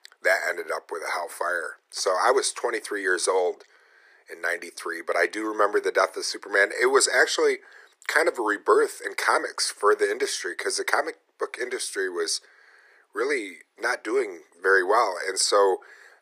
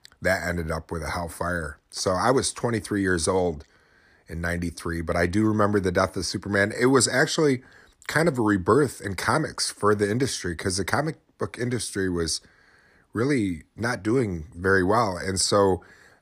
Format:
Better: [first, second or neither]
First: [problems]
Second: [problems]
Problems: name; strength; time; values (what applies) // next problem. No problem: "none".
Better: second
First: thin; very; fading below 400 Hz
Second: none